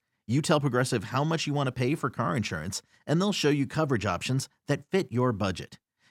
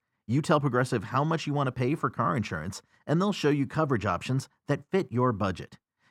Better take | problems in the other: first | muffled; slightly; fading above 2.5 kHz

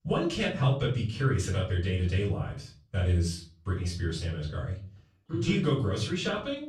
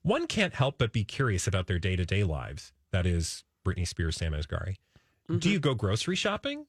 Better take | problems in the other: second | off-mic speech; far // room echo; slight; dies away in 0.4 s

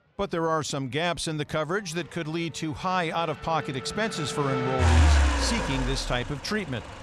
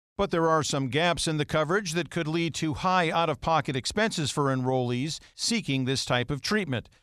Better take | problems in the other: second | traffic noise; very loud; throughout; 2 dB above the speech

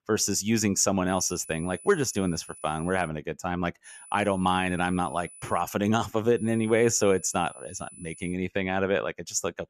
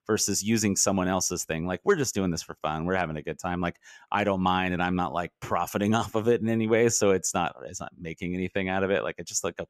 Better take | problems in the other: second | high-pitched whine; noticeable; from 1 to 3 s, from 4 to 5.5 s and from 6.5 to 8.5 s; 10 kHz, 20 dB below the speech

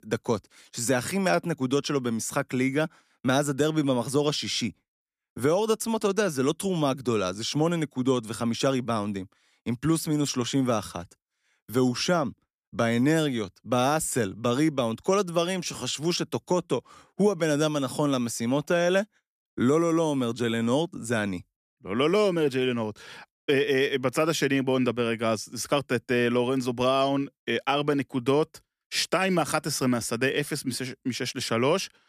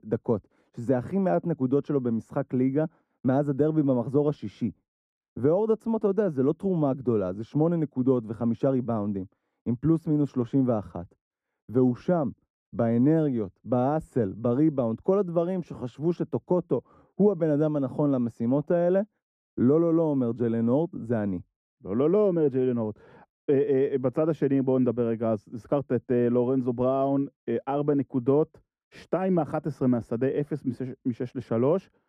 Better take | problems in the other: first | muffled; very; fading above 1.5 kHz

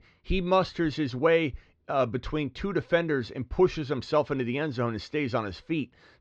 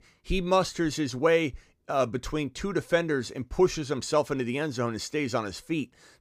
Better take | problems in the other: second | muffled; very slightly; fading above 4 kHz

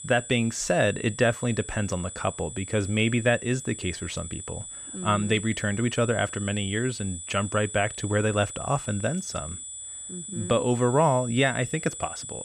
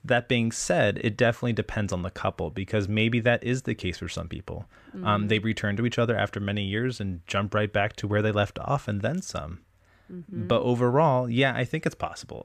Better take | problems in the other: second | high-pitched whine; loud; throughout; 8 kHz, 10 dB below the speech

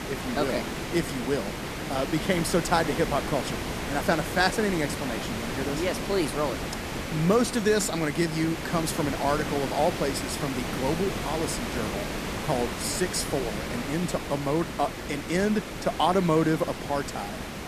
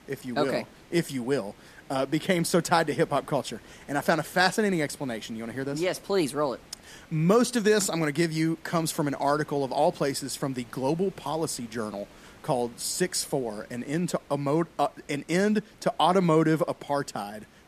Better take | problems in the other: second | hiss; loud; throughout; 5 dB below the speech; faint in the second

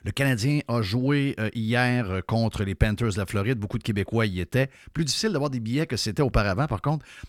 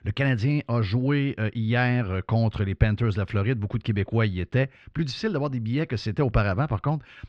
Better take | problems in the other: first | muffled; slightly; fading above 3.5 kHz

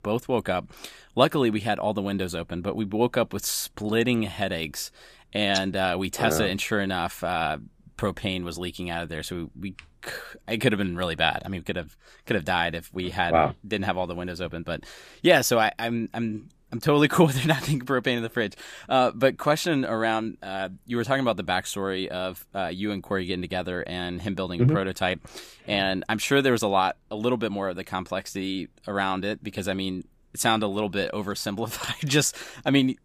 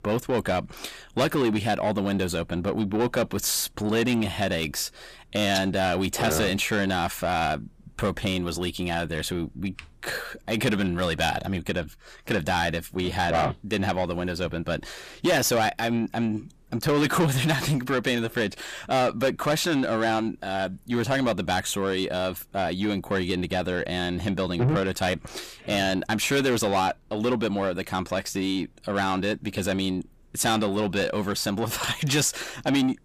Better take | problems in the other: first | distortion; heavy; 8 dB below the speech

